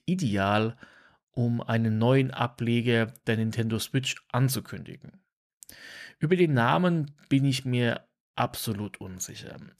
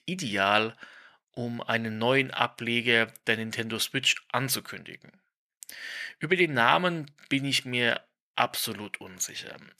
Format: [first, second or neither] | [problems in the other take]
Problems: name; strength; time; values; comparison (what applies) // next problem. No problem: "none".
first | thin; somewhat; fading below 1 kHz